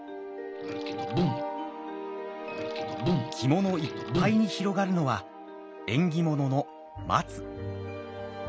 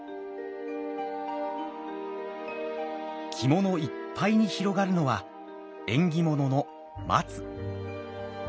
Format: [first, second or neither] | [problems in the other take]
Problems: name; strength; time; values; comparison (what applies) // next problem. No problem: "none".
second | background sound (Liquid); 1 dB below the speech